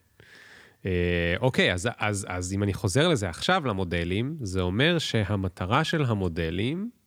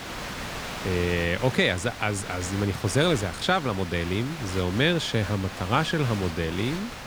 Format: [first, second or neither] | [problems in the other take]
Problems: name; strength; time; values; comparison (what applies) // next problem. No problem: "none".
first | hiss; loud; throughout; 10 dB below the speech